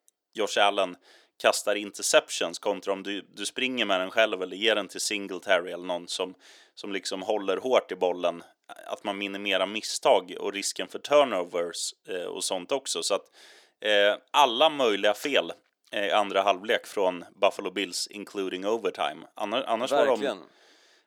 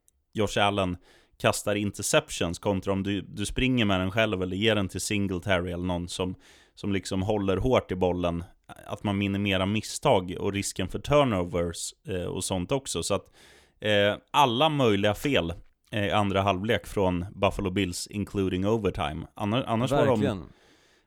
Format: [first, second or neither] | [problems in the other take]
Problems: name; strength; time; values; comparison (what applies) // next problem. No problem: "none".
second | thin; somewhat; fading below 300 Hz